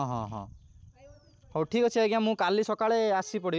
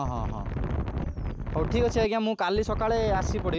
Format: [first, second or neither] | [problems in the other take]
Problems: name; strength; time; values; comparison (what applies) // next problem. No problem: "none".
first | background sound (Wind); 1 dB below the speech